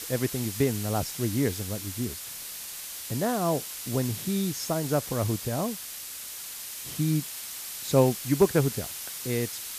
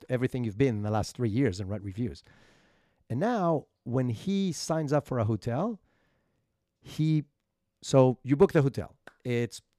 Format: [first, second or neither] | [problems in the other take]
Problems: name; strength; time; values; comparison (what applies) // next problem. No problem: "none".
second | hiss; loud; throughout; 7 dB below the speech